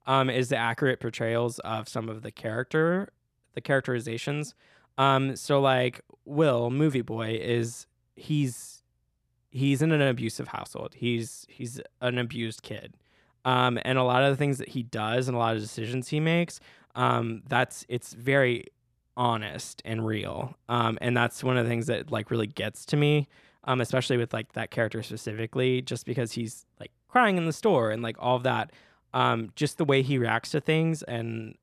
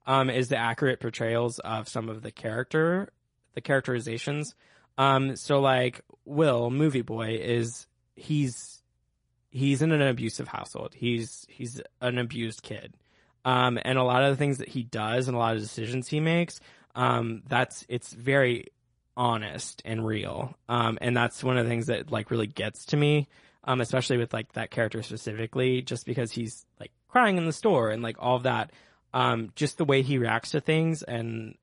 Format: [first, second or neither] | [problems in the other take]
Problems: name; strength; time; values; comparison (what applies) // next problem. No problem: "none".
first | garbled, watery; slightly; nothing above 10.5 kHz